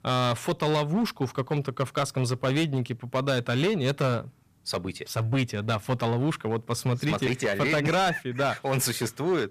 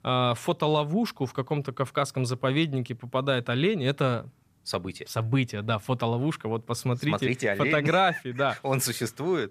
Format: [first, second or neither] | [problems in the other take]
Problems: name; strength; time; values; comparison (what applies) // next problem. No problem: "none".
second | distortion; slight; 12% of the sound clipped